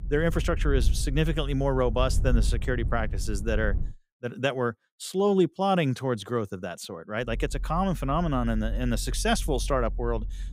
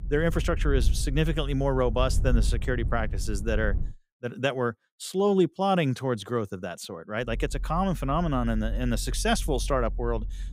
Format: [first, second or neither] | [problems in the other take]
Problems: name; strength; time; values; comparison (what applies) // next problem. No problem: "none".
neither | low rumble; faint; until 4 s and from 7.5 s on; 20 dB below the speech; the same in both